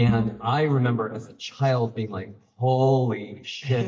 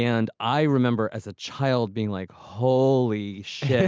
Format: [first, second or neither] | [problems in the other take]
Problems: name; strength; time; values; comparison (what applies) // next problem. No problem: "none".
second | noise reduction (neural mask model DeepFilterNet 3)